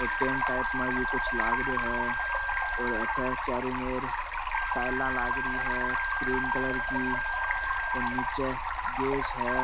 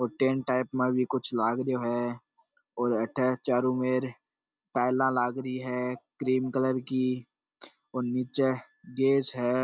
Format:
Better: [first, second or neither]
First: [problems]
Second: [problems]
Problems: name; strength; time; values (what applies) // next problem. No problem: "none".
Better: second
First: background sound (Stream + Wind instrument, woodwind instrument); 5 dB above the speech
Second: none